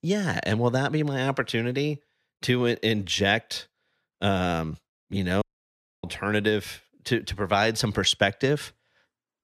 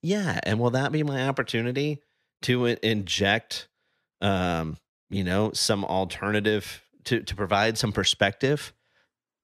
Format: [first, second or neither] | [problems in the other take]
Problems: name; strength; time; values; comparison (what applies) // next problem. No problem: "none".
second | audio cutting out; at 5.5 s for 0.5 s